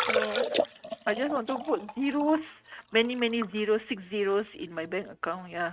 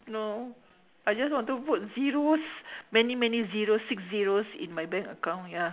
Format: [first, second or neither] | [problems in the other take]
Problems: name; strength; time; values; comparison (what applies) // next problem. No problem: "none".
second | noise reduction (neural mask model RNNoise)